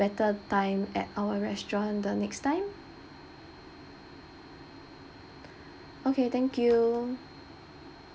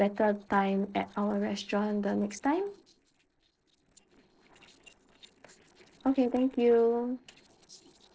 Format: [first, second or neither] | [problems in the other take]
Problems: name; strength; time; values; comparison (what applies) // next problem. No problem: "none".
first | noise reduction (neural separator model SepFormer DNS4)